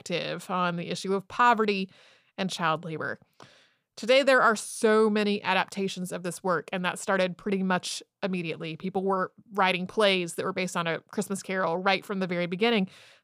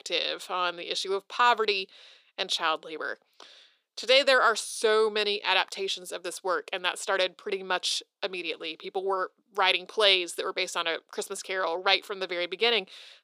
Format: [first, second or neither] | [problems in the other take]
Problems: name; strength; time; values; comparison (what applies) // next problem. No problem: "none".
first | thin; very; fading below 350 Hz